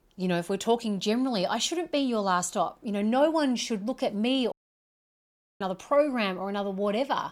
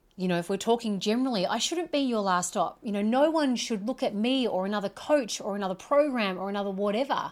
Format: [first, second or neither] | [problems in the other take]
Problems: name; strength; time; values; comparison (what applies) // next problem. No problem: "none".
second | audio cutting out; at 4.5 s for 1 s